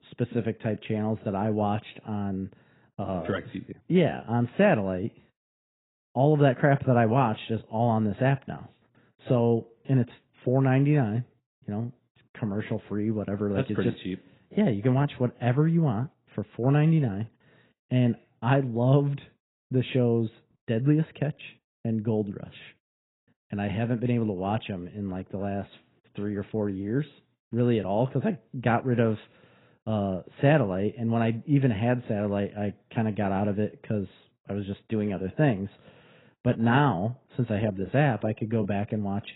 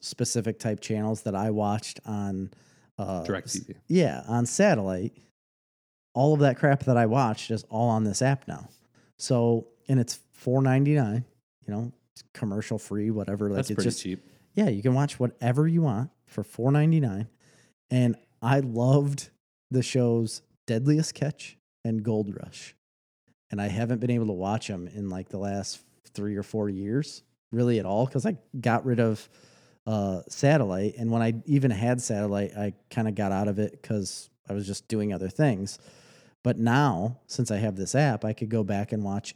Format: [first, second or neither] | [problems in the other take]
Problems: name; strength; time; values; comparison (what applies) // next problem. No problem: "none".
second | garbled, watery; badly; nothing above 4 kHz